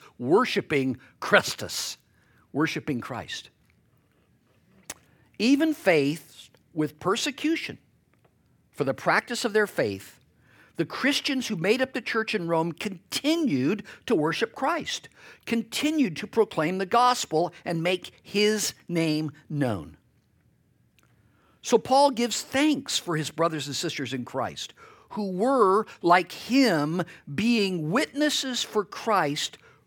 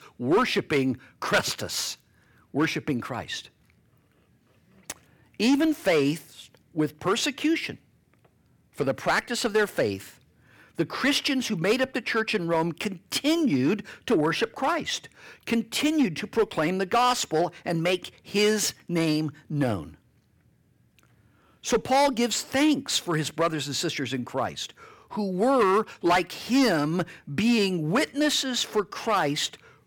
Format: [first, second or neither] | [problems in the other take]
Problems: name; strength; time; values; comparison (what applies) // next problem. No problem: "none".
first | distortion; slight; 3% of the sound clipped